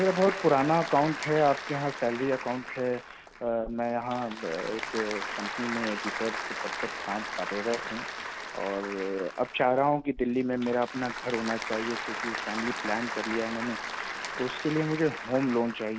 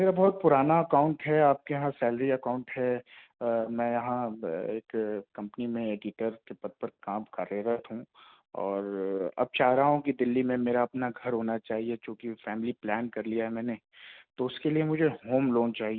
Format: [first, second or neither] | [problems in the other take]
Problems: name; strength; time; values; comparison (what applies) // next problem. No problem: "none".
second | background sound (Applause / Crowd); 7 dB below the speech